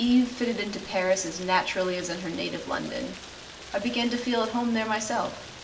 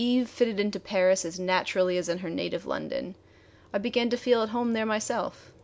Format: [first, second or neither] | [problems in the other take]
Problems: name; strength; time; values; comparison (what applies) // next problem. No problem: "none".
second | background sound (Rain); 16 dB below the speech // room echo; dies away in 0.8 s